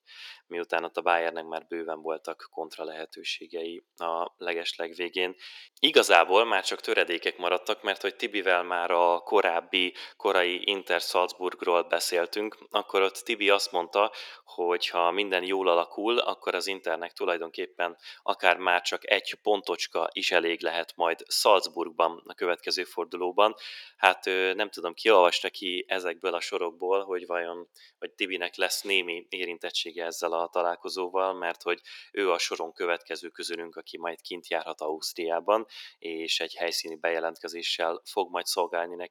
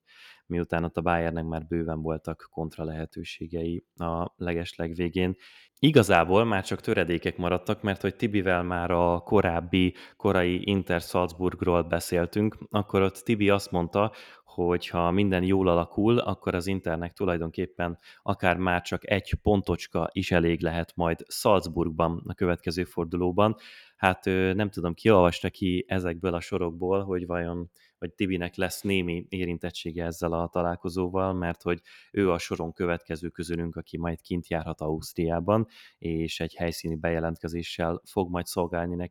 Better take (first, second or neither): second